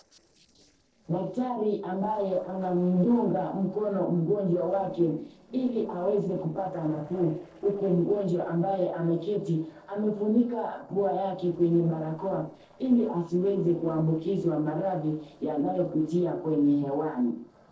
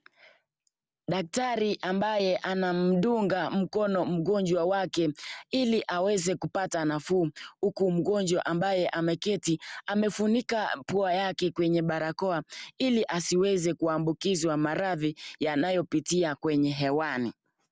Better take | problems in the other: second | noise reduction (neural separator model SepFormer DNS4)

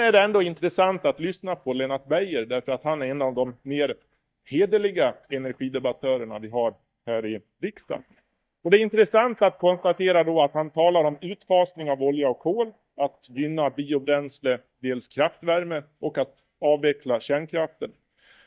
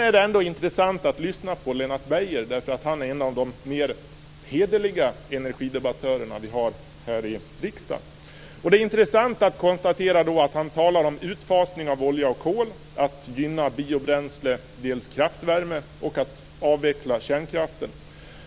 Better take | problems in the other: second | noise reduction (neural mask model DeepFilterNet 3)

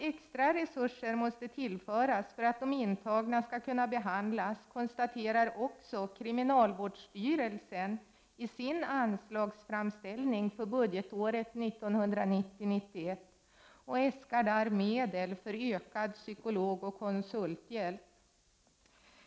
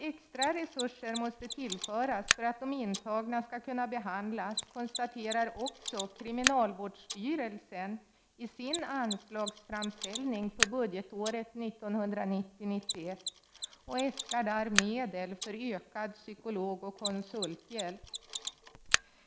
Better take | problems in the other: first | background sound (Mechanisms); 4 dB below the speech

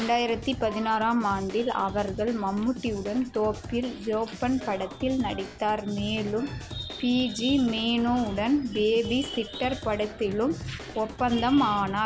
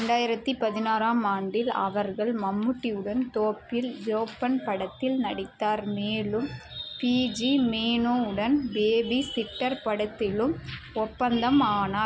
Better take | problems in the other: second | background sound (Drum / Drum kit); 14 dB below the speech

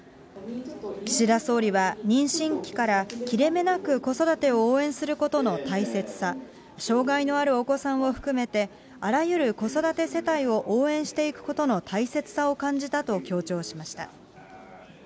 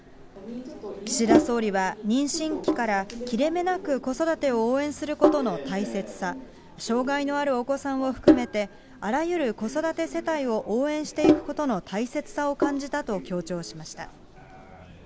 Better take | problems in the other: first | background sound (Sink (filling or washing)); 3 dB below the speech

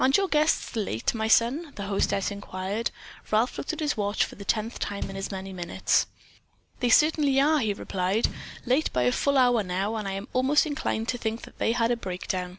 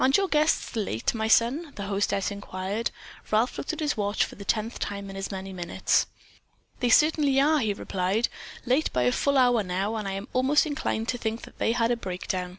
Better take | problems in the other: second | background sound (Bass drum); 15 dB below the speech

